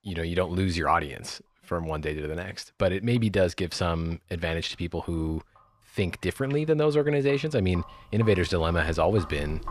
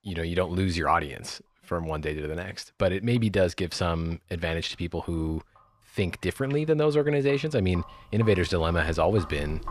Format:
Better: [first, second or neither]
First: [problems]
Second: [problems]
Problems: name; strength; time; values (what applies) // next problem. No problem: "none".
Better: neither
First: household noises; noticeable; throughout; 20 dB below the speech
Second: household noises; noticeable; throughout; 20 dB below the speech